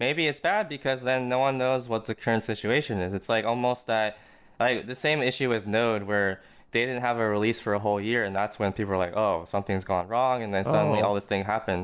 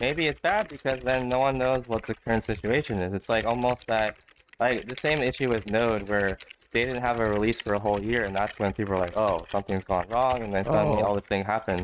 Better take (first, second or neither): first